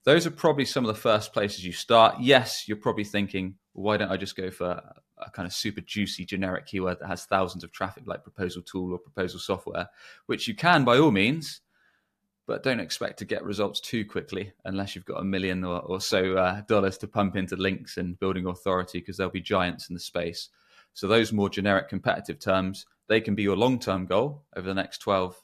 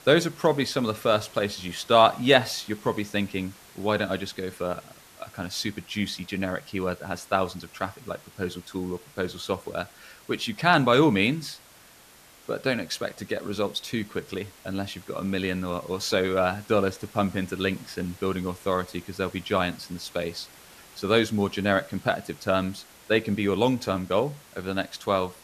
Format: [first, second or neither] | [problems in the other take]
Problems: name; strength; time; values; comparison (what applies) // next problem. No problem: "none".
first | hiss; faint; throughout; 20 dB below the speech